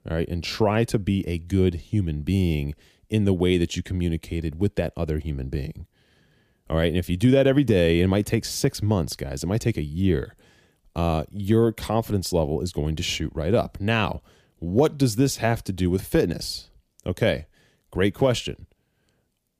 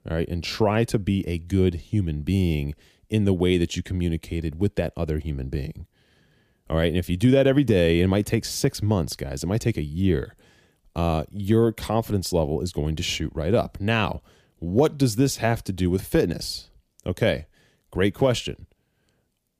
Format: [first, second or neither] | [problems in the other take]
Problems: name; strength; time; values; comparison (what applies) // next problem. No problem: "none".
neither | none